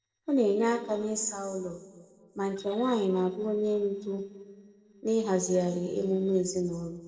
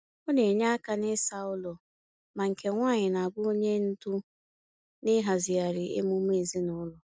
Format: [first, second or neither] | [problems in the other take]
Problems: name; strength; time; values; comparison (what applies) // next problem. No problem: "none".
second | noise reduction (neural separator model SepFormer DNS4)